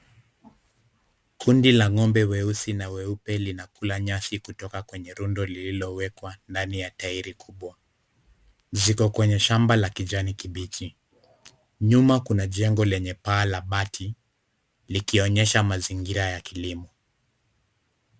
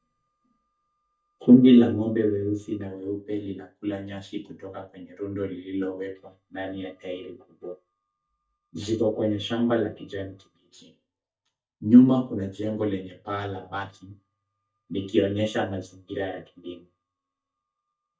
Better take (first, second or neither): first